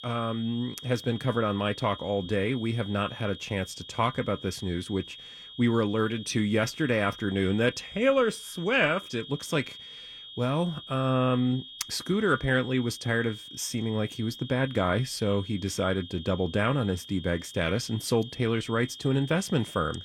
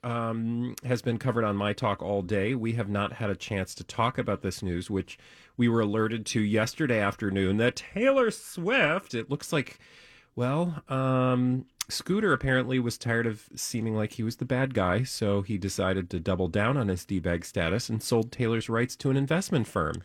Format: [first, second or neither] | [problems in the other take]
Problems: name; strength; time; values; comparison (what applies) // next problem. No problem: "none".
second | high-pitched whine; noticeable; throughout; 3.5 kHz, 15 dB below the speech